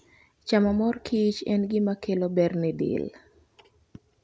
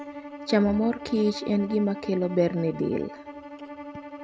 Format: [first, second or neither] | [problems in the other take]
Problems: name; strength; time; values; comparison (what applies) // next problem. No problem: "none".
first | background sound (Bowed string instrument); 13 dB below the speech